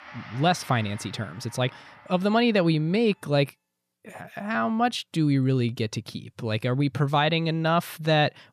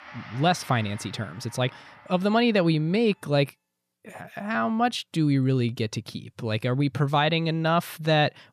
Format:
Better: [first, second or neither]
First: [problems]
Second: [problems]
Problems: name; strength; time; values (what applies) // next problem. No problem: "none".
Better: neither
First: background music; faint; until 3 s; 20 dB below the speech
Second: background music; faint; until 3 s; 20 dB below the speech